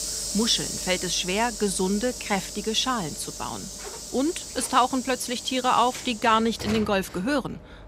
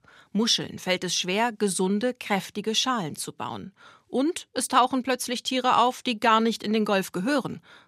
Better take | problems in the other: second | hiss; loud; throughout; 8 dB below the speech

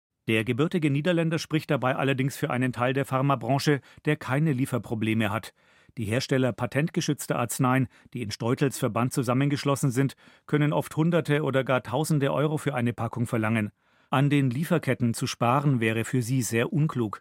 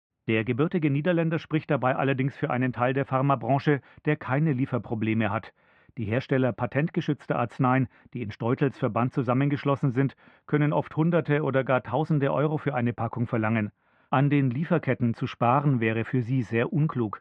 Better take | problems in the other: first | muffled; very; fading above 2.5 kHz

